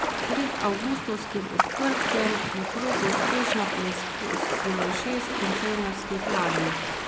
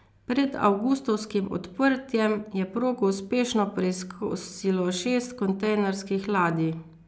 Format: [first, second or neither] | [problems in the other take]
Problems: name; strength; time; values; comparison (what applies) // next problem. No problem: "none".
second | background sound (Ocean); 2 dB above the speech